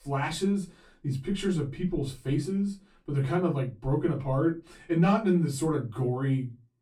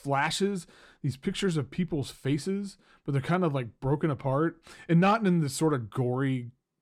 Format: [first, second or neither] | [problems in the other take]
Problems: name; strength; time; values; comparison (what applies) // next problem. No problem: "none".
second | off-mic speech; far // room echo; very slight; dies away in 0.2 s